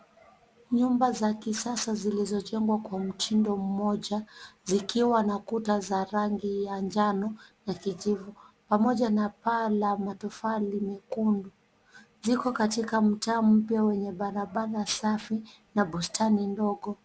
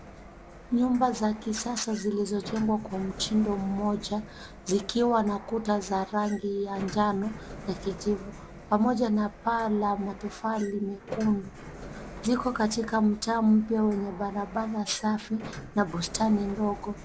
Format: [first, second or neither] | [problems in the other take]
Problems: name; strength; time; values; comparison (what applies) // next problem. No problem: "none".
first | background sound (Sliding door); 15 dB below the speech